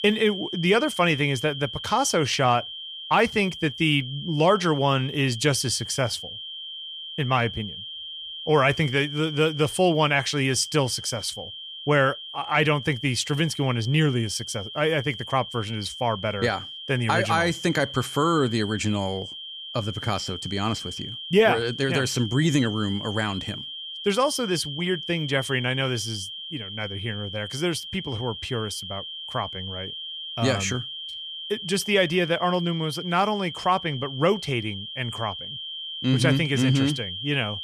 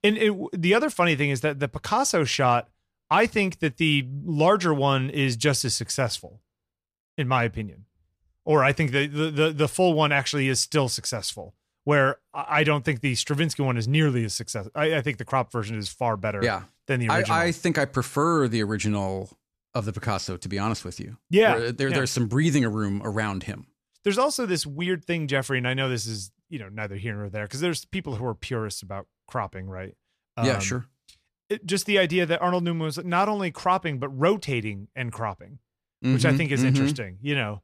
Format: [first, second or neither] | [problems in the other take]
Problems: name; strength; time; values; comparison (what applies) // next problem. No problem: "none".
second | high-pitched whine; loud; throughout; 3 kHz, 9 dB below the speech